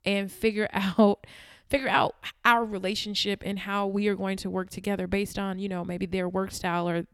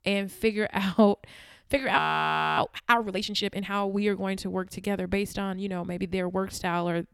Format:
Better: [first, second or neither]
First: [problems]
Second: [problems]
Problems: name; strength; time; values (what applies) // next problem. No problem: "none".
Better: first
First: none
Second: audio freezing; at 2 s for 0.5 s